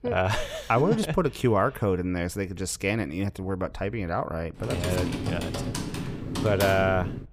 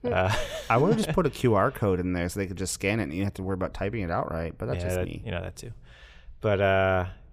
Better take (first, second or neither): second